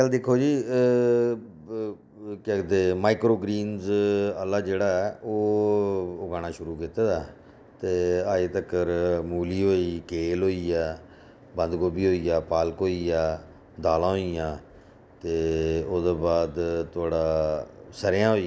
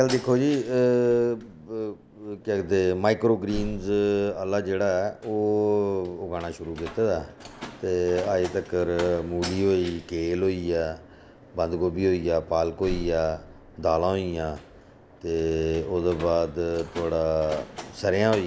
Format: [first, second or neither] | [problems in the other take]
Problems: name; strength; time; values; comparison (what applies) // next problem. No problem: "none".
first | background sound (Slam); 17 dB below the speech